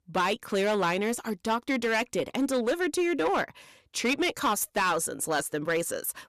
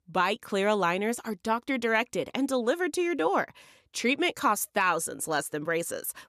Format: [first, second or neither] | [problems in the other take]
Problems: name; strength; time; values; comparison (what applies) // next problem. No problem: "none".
second | distortion; slight; 9% of the sound clipped